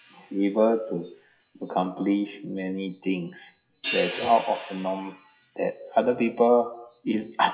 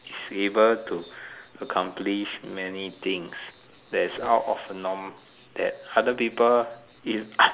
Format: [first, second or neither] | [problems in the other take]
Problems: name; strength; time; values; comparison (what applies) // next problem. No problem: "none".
second | noise reduction (classical method WPE with log-MMSE)